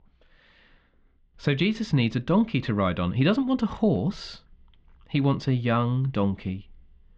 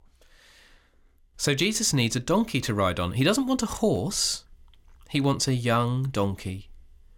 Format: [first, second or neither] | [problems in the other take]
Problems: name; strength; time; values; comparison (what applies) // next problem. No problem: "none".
second | muffled; slightly; fading above 3.5 kHz